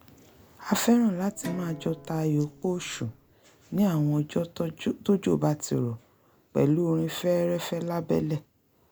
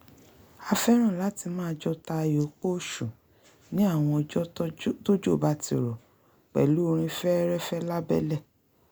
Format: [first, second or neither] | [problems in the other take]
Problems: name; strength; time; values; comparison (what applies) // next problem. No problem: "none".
second | background sound (Guitar); 17 dB below the speech